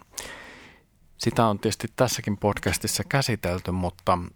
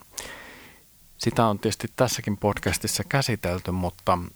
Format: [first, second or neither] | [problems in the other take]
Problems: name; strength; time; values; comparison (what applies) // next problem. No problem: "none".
first | hiss; faint; throughout; 25 dB below the speech